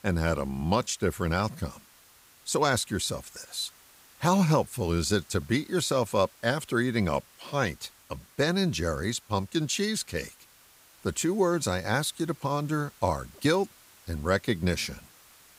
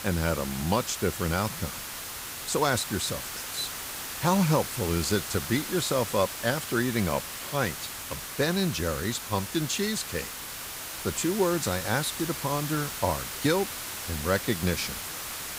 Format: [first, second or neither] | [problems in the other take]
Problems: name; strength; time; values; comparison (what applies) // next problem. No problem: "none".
first | hiss; loud; throughout; 6 dB below the speech; faint in the first